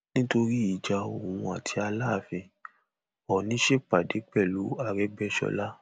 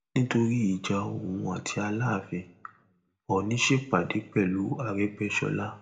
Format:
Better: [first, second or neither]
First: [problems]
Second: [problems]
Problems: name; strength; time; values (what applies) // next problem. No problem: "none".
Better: first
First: none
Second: room echo; dies away in 0.4 s